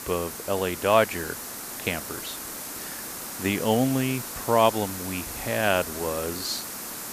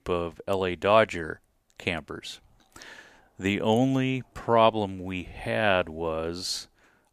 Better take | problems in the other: second | hiss; loud; throughout; 7 dB below the speech

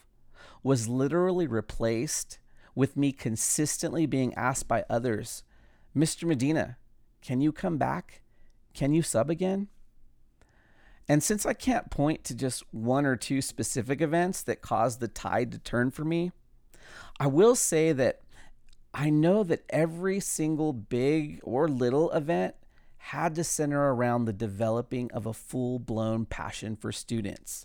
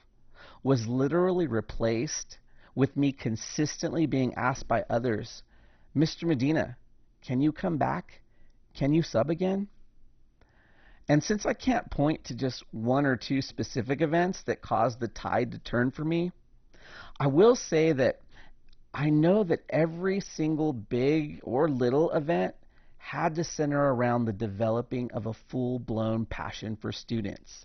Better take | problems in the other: first | garbled, watery; badly; nothing above 6 kHz

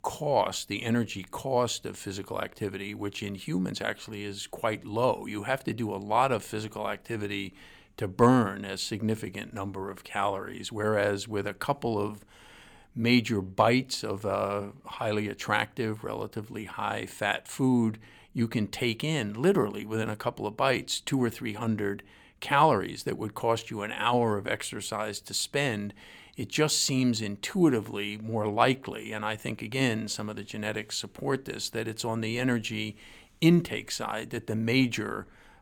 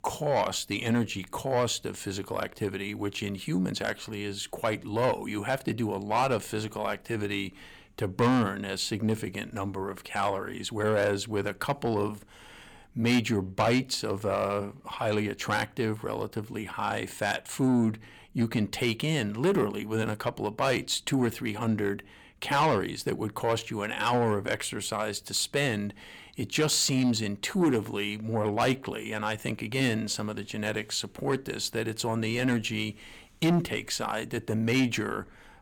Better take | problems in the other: first | distortion; slight; 10 dB below the speech

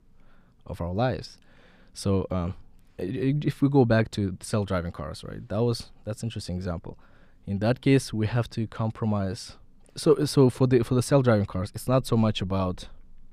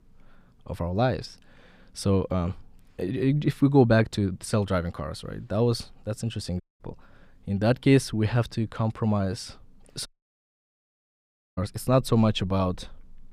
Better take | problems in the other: first | audio cutting out; at 6.5 s and at 10 s for 1.5 s

